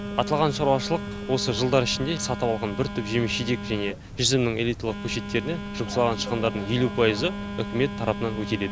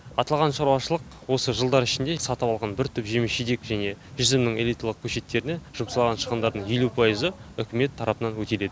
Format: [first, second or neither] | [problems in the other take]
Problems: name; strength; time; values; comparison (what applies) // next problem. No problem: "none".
second | background sound (Telephone); 8 dB below the speech